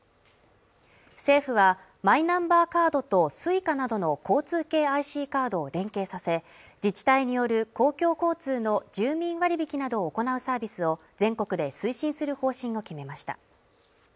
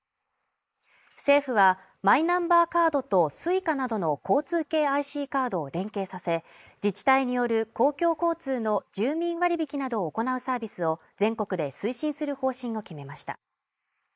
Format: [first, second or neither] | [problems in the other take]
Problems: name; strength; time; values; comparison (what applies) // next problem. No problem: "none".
first | noise reduction (neural mask model Resemble Enhance denoiser)